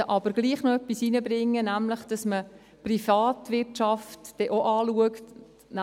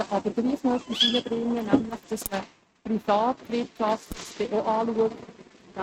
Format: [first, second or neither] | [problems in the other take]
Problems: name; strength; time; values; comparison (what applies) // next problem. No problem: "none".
first | noise reduction (neural mask model RNNoise)